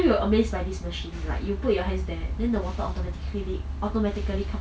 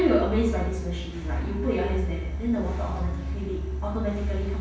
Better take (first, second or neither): first